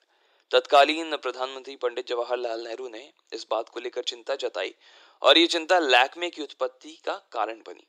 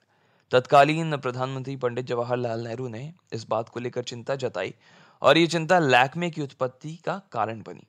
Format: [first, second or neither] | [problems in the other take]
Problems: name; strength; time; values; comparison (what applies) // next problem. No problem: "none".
second | thin; very; fading below 300 Hz